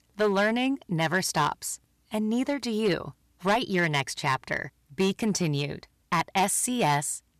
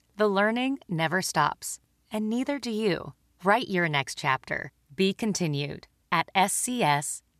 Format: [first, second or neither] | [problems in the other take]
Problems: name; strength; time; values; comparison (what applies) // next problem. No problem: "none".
second | distortion; slight; 4% of the sound clipped